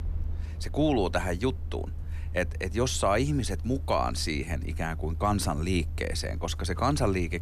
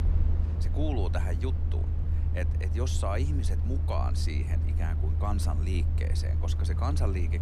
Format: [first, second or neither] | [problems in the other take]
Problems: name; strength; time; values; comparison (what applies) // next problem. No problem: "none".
first | low rumble; loud; throughout; 7 dB below the speech; faint in the first